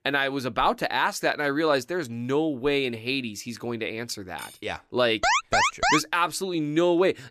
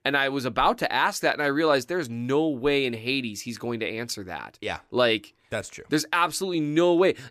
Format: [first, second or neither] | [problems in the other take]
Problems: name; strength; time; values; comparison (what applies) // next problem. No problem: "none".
second | clattering dishes; faint; at 4.5 s; peak 15 dB below the speech // alarm; loud; at 5 s; peak 5 dB above the speech